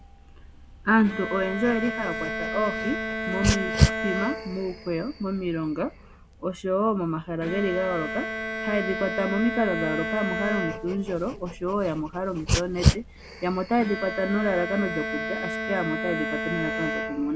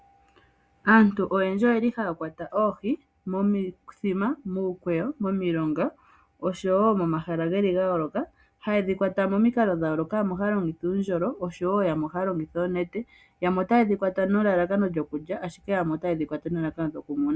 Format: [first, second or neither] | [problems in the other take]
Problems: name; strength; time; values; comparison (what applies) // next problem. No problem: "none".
second | background sound (Dog + Bowed string instrument); 2 dB below the speech